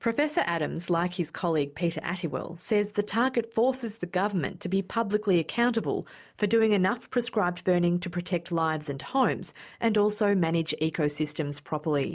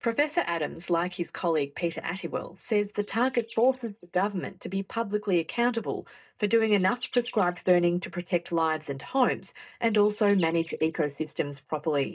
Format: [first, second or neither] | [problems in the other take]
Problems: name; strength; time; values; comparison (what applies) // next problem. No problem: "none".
first | noise reduction (neural mask model DeepFilterNet 3)